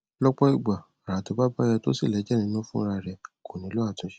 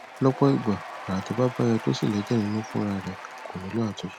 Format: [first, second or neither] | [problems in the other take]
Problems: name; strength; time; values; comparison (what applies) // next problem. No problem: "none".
first | background sound (Applause / Crowd / Cheering); 13 dB below the speech